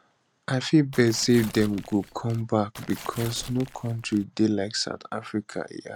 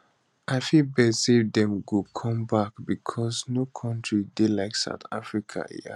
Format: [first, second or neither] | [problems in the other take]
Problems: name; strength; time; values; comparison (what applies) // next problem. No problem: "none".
second | background sound (Tearing); 16 dB below the speech